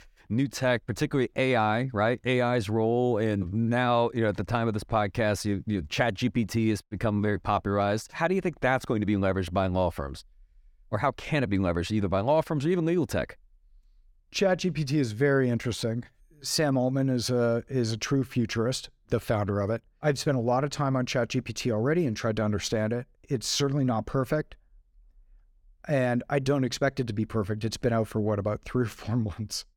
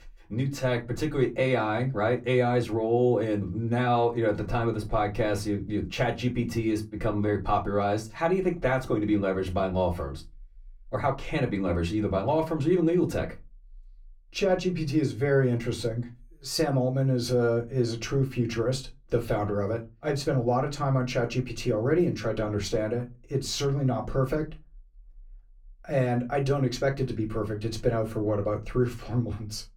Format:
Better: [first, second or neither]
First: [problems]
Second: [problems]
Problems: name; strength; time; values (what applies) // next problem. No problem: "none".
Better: first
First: none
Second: off-mic speech; far // room echo; very slight; dies away in 0.2 s